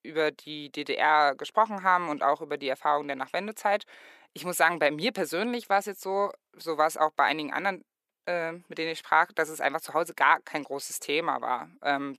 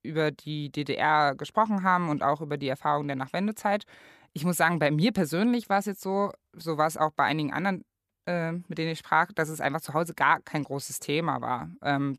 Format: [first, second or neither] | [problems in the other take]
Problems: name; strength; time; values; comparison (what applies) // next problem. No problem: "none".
second | thin; somewhat; fading below 450 Hz